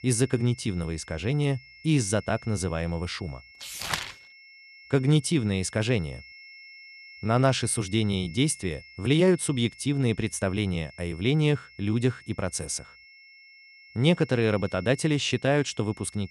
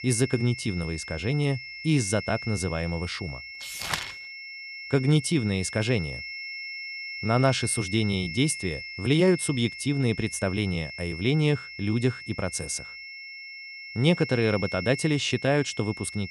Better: first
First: high-pitched whine; faint; throughout; 2 kHz, 20 dB below the speech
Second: high-pitched whine; loud; throughout; 2 kHz, 10 dB below the speech

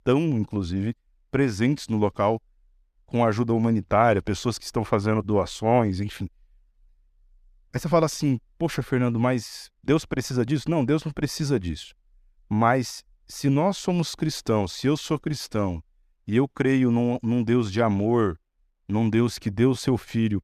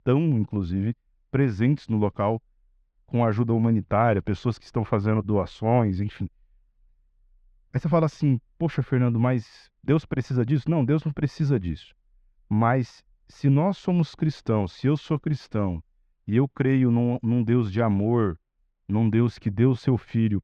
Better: first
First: none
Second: muffled; slightly; fading above 3 kHz

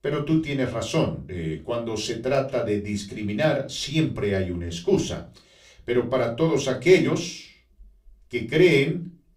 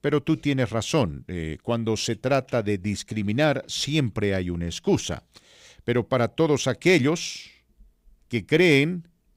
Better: second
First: off-mic speech; somewhat distant // room echo; very slight; dies away in 0.3 s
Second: none

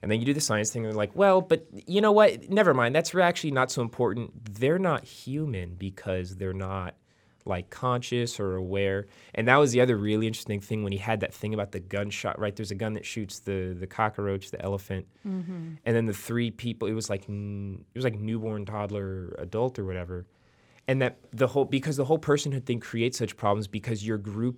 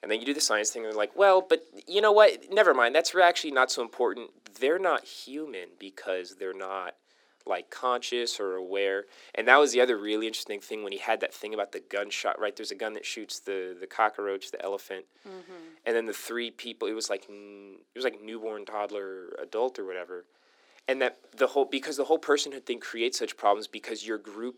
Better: first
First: none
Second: thin; somewhat; fading below 300 Hz

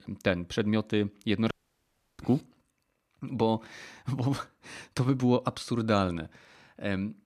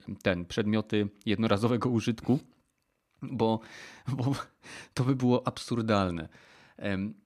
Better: second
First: audio cutting out; at 1.5 s for 0.5 s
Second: none

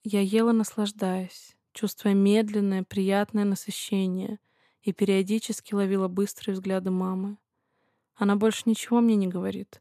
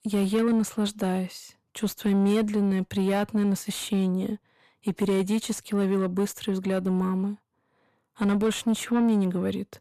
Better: first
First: none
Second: distortion; slight; 10 dB below the speech

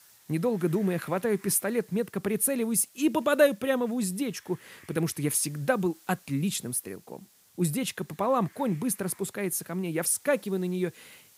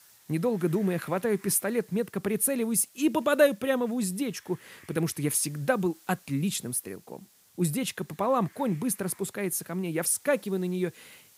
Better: neither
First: hiss; faint; throughout; 25 dB below the speech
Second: hiss; faint; throughout; 25 dB below the speech

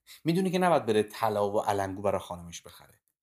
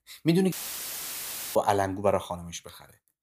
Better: first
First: none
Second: audio cutting out; filled with static; at 0.5 s for 1 s

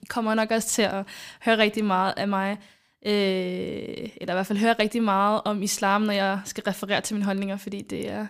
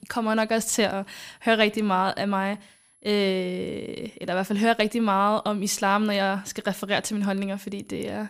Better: first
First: none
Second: high-pitched whine; faint; throughout; 11 kHz, 35 dB below the speech

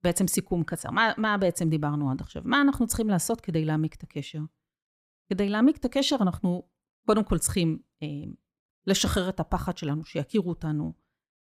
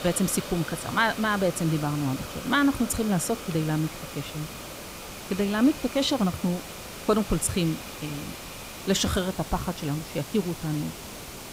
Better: first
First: none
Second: hiss; noticeable; throughout; 10 dB below the speech

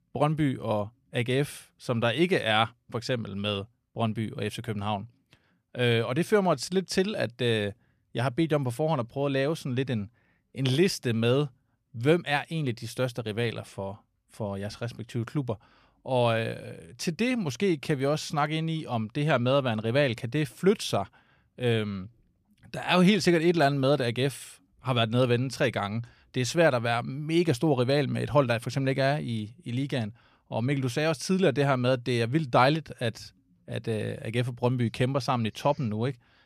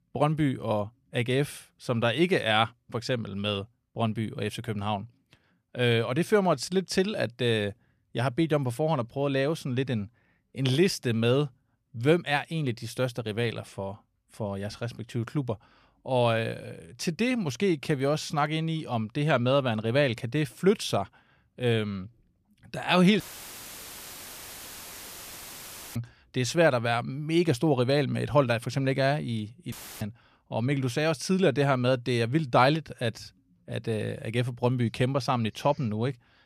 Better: first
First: none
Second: audio cutting out; filled with static; at 23 s for 3 s and at 30 s

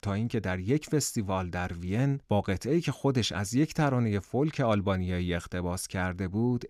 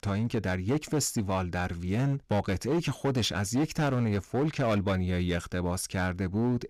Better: first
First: none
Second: distortion; slight; 11% of the sound clipped

